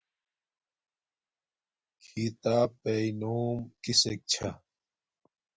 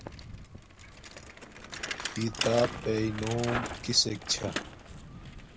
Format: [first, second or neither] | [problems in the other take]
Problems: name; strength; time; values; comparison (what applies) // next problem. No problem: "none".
first | background sound (Bicycle); 6 dB below the speech